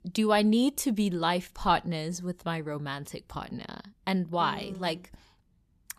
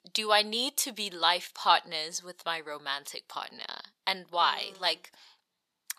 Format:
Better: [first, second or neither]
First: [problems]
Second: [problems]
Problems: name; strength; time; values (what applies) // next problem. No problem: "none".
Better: first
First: none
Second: thin; very; fading below 750 Hz